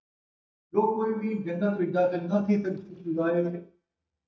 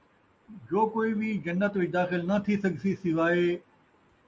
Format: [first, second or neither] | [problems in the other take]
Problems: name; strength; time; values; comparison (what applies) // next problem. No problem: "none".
second | noise reduction (neural mask model DeepFilterNet 3)